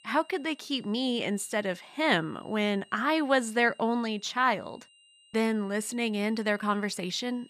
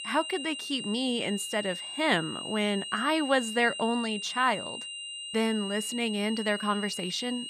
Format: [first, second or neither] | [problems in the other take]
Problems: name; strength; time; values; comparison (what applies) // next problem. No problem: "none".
first | high-pitched whine; loud; throughout; 3 kHz, 7 dB below the speech; faint in the first